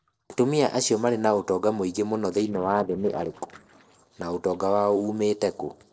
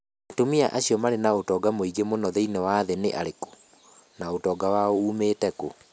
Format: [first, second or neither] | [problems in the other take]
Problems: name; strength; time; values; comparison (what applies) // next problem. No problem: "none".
second | noise reduction (neural separator model SepFormer DNS4)